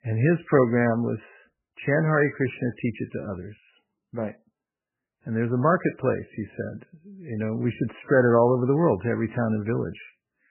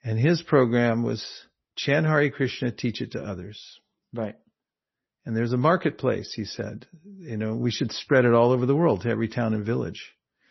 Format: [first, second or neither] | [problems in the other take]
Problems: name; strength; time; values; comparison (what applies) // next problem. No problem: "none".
second | garbled, watery; badly; nothing above 2.5 kHz; slightly in the second